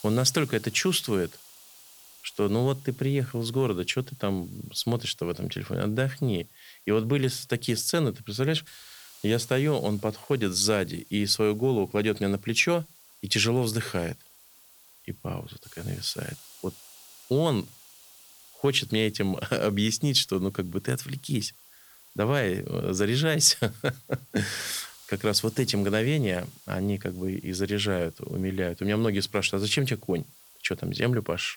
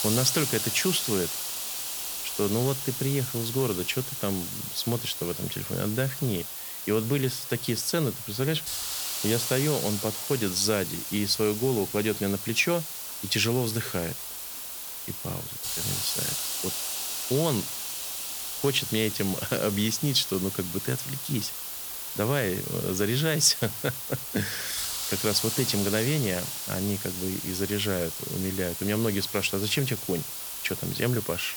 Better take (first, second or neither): first